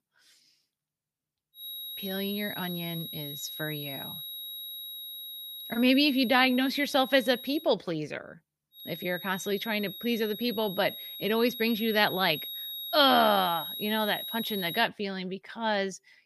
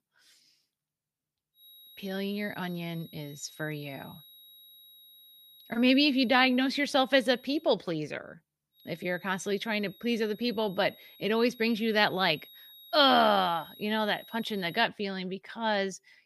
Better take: second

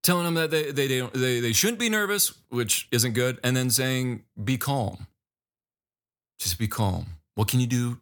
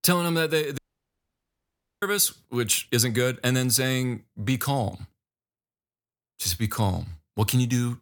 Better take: first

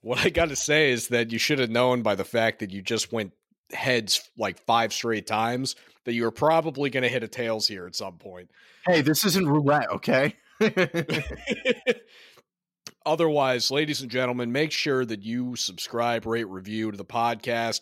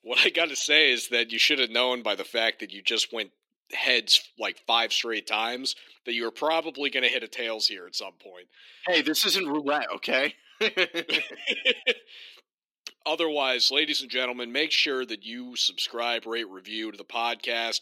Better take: first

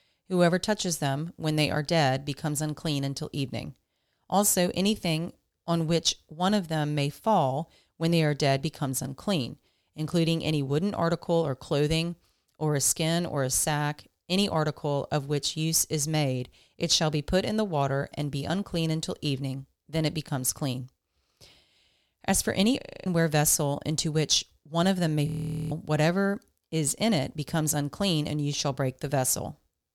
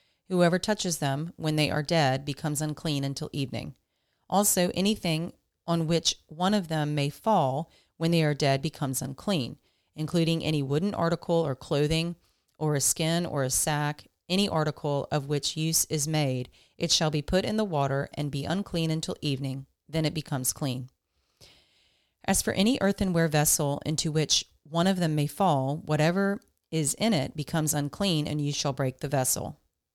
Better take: second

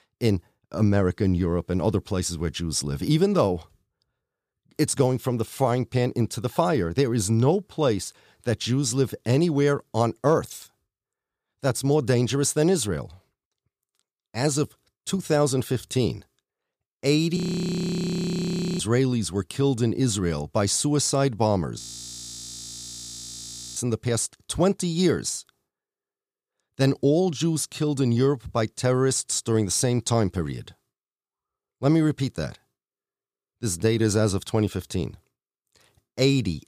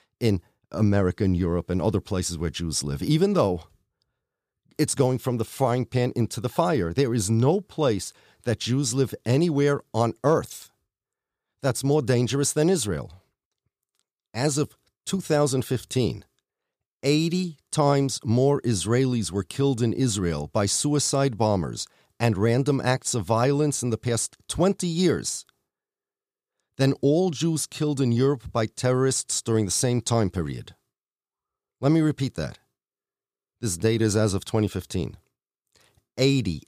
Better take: second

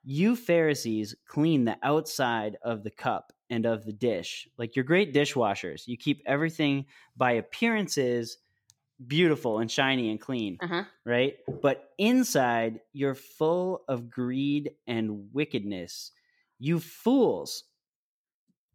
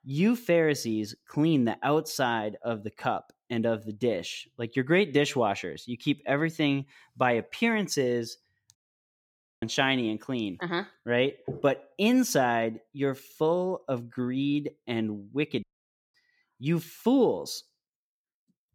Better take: first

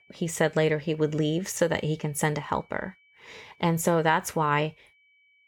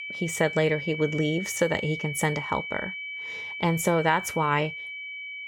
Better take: first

